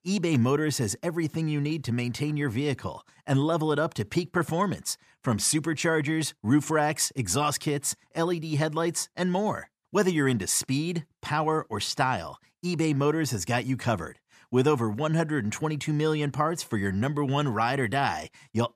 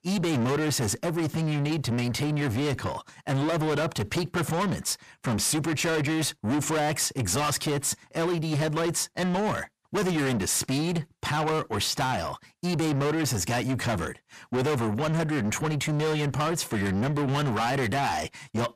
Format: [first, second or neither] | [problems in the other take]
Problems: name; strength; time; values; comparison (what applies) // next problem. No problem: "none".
first | distortion; heavy; 6 dB below the speech